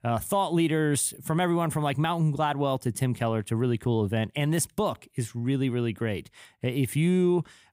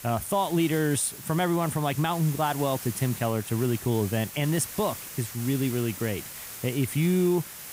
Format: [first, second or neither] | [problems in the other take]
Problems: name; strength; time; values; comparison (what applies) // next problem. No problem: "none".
first | hiss; noticeable; throughout; 10 dB below the speech